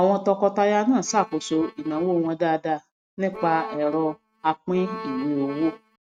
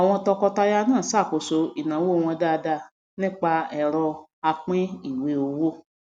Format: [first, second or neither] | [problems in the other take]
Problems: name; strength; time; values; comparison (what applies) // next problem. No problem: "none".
second | noise reduction (neural mask model RNNoise)